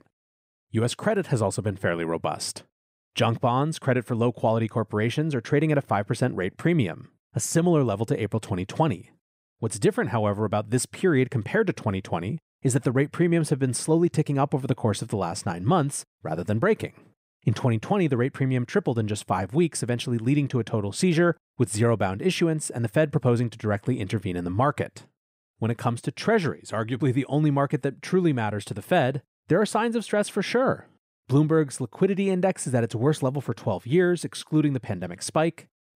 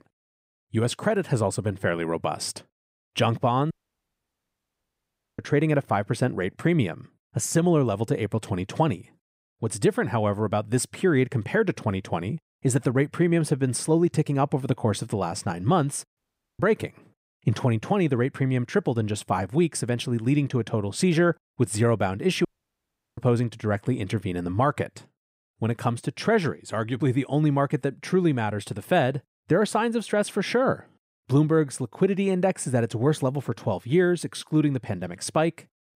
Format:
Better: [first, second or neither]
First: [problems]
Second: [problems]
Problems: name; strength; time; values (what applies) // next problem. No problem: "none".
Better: first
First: none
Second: audio cutting out; at 3.5 s for 1.5 s, at 16 s and at 22 s for 0.5 s